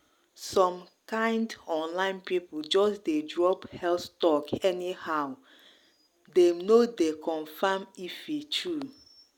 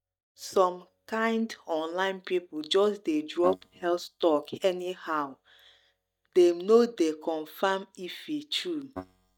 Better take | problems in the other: first | noise reduction (neural mask model DeepFilterNet 3)

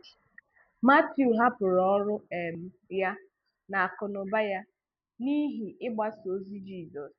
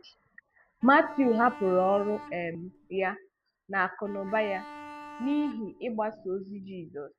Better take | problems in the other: first | background sound (Bowed string instrument); 16 dB below the speech

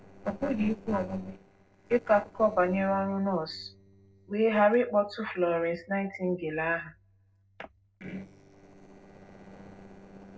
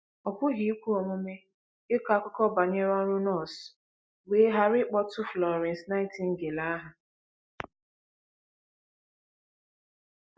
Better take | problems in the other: second | noise reduction (neural separator model SepFormer DNS4)

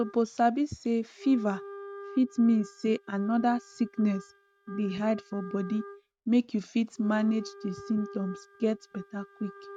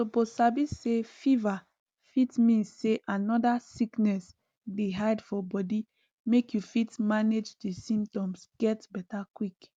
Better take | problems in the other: second | noise reduction (neural mask model RNNoise)

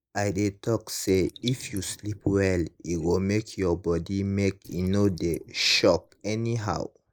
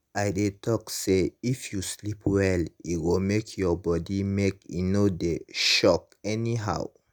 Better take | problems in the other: second | noise reduction (neural mask model Resemble Enhance denoiser)

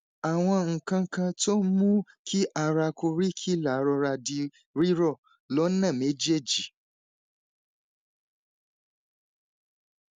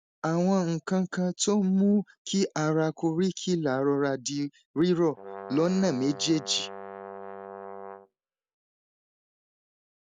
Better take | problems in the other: first | background sound (Brass instrument); 14 dB below the speech

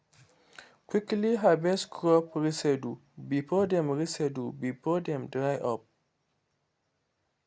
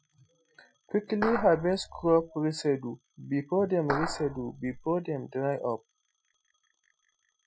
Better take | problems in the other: first | noise reduction (classical method Wiener filter)

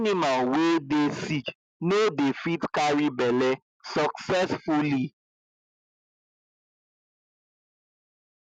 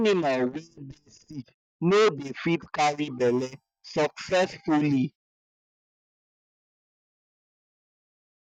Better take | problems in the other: first | noise reduction (neural mask model DeepFilterNet 3)

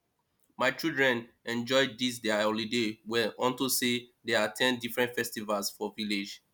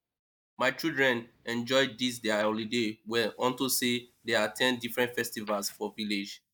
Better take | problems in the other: first | noise reduction (neural mask model DeepFilterNet 3)

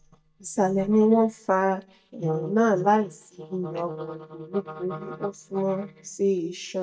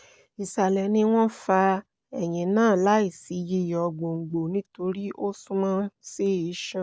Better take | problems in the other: second | noise reduction (neural mask model DeepFilterNet 3)

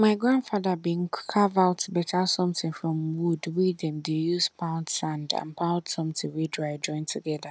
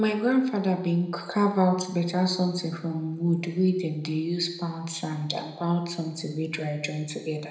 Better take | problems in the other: first | room echo; dies away in 0.8 s

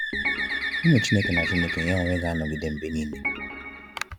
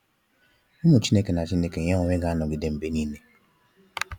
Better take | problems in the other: second | background sound (Bird + Organ); 3 dB below the speech

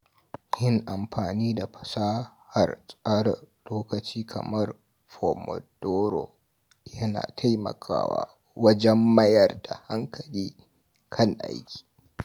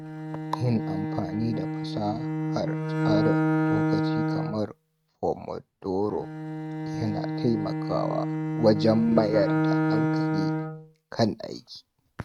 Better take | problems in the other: first | noise reduction (neural mask model RNNoise)

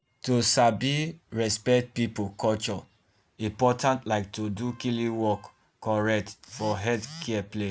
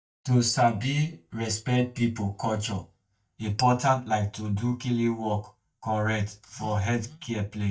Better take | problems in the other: first | noise reduction (neural mask model DeepFilterNet 3)

